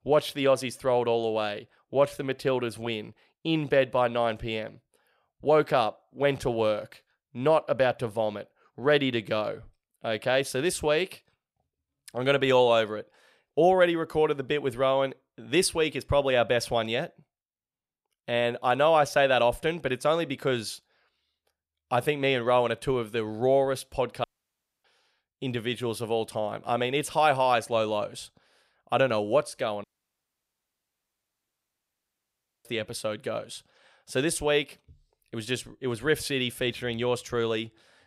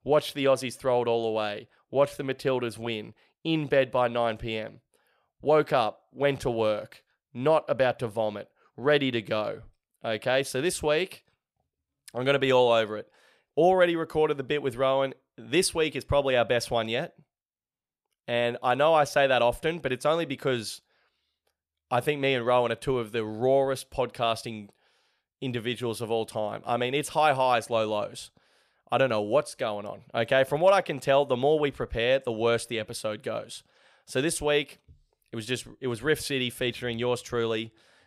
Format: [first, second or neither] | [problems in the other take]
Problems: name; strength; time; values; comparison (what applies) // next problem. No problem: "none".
second | audio cutting out; at 24 s for 0.5 s and at 30 s for 3 s